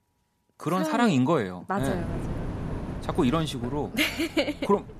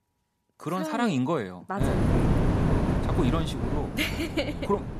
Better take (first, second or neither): first